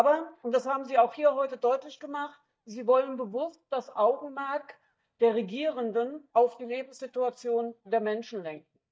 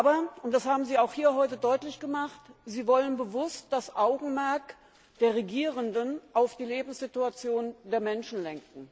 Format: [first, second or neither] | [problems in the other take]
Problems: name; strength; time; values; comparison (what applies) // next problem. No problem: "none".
second | noise reduction (neural mask model DeepFilterNet 3)